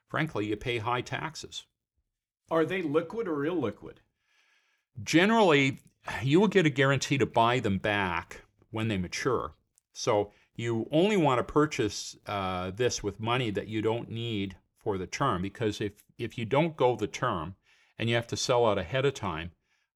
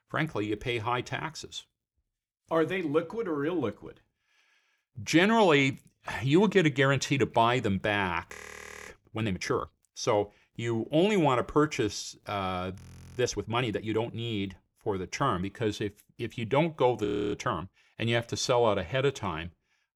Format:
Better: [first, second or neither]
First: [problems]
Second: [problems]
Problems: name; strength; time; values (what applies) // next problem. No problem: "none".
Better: first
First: none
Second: audio freezing; at 8.5 s for 0.5 s, at 13 s and at 17 s